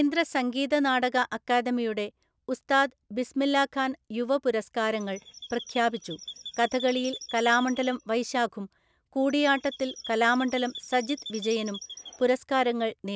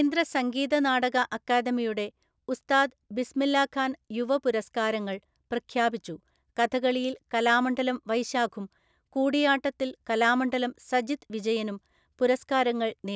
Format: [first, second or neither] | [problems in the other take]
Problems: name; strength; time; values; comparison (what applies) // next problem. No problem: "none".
second | background sound (Chirp, tweet); 15 dB below the speech